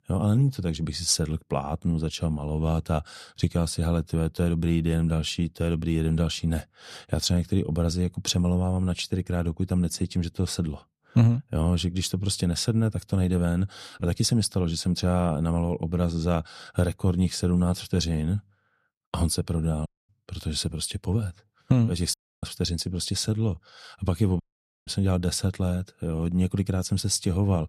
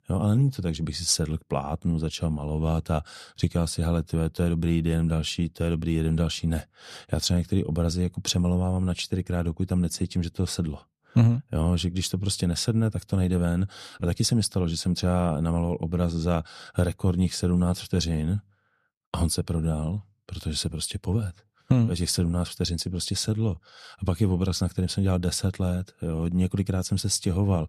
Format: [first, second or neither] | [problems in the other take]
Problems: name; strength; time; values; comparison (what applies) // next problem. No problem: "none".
second | audio cutting out; at 20 s, at 22 s and at 24 s